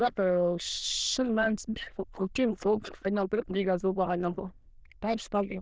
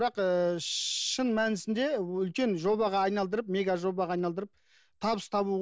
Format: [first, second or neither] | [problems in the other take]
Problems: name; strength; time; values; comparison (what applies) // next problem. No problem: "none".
second | noise reduction (neural diffusion model UNIVERSE++)